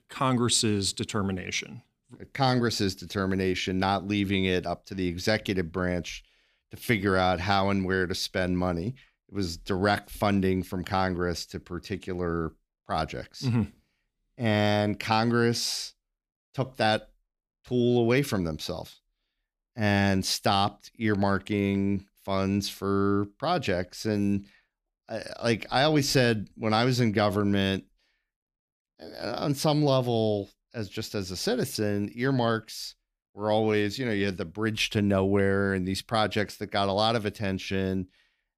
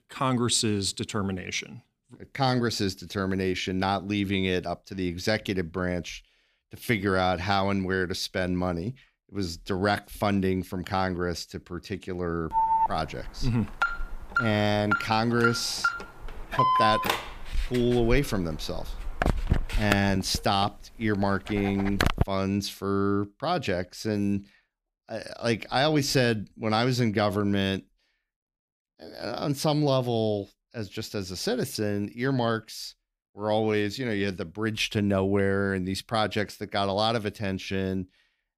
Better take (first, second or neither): first